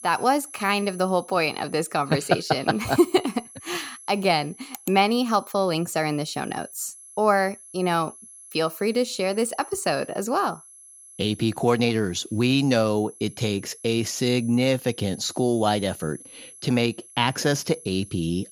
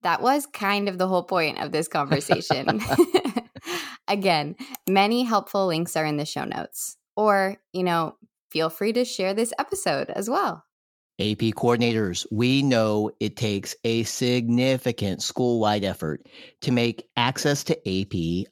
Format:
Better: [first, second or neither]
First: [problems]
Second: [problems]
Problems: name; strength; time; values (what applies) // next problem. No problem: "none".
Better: second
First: high-pitched whine; noticeable; throughout; 11 kHz, 20 dB below the speech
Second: none